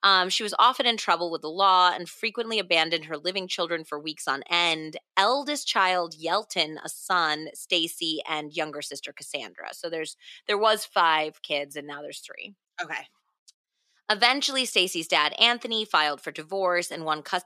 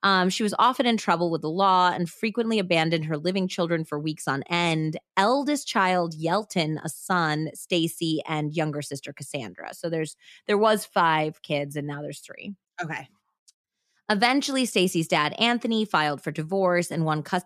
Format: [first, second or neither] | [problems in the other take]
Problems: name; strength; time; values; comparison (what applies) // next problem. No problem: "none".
second | thin; somewhat; fading below 400 Hz